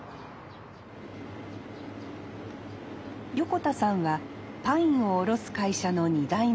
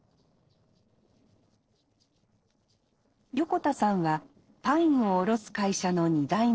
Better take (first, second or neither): first